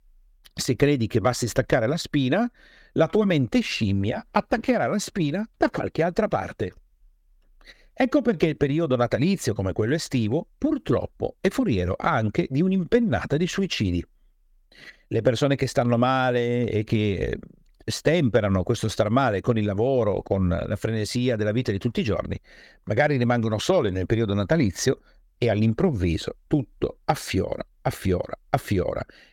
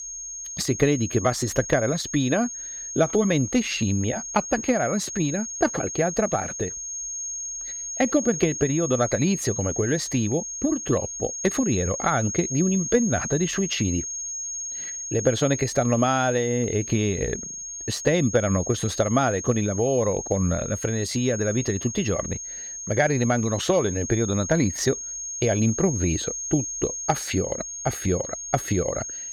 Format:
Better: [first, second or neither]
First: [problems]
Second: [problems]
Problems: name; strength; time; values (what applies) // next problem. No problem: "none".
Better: first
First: none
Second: high-pitched whine; loud; throughout; 6.5 kHz, 6 dB below the speech